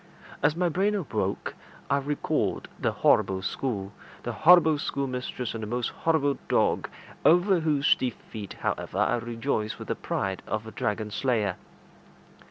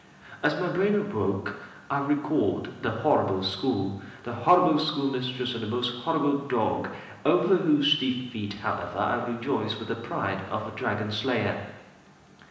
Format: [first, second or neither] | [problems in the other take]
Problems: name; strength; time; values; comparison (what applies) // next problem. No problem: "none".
first | room echo; dies away in 1 s